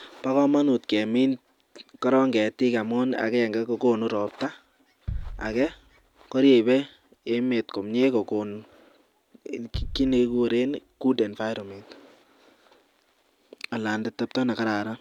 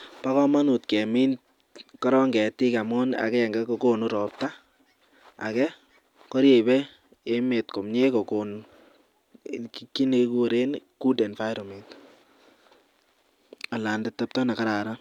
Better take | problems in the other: second | background sound (Bass drum); 15 dB below the speech

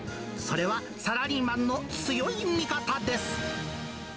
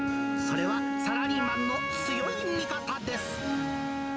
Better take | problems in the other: first | background sound (Wind instrument, woodwind instrument); 3 dB above the speech

